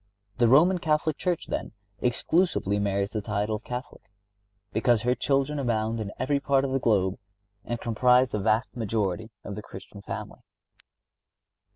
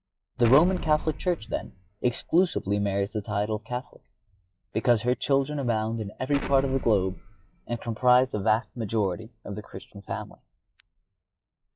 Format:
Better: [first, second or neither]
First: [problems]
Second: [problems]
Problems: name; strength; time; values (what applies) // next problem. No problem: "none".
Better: first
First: none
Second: noise reduction (classical method log-MMSE)